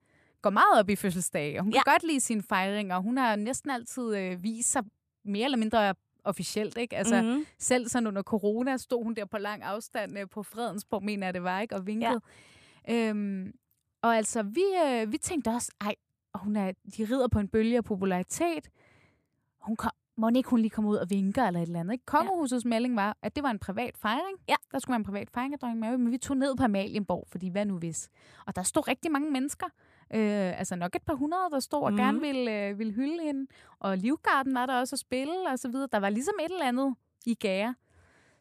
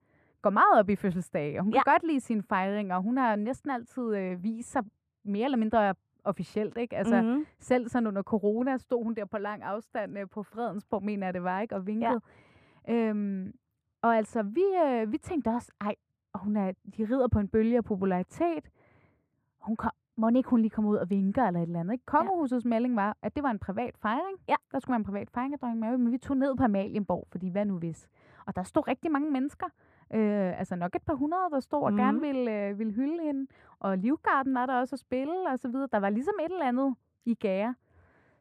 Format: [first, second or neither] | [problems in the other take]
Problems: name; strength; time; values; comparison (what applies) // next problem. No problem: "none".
first | muffled; very; fading above 3 kHz